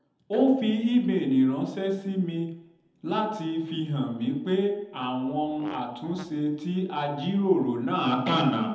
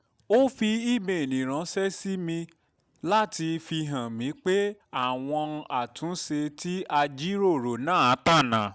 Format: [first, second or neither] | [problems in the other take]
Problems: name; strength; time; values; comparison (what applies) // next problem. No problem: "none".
second | background sound (Fart); 20 dB below the speech // room echo; dies away in 0.8 s